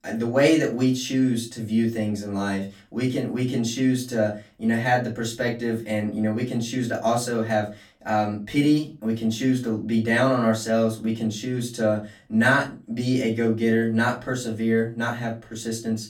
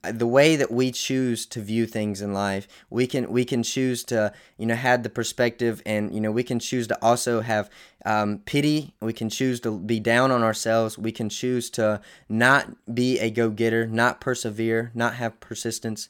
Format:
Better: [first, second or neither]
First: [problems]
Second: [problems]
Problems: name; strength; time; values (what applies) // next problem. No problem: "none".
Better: second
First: off-mic speech; far // room echo; very slight; dies away in 0.2 s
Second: none